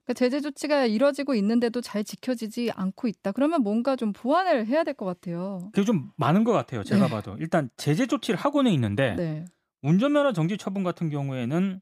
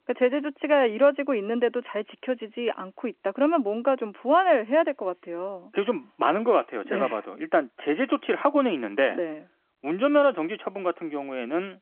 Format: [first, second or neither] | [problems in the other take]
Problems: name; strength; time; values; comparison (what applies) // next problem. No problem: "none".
first | phone-call audio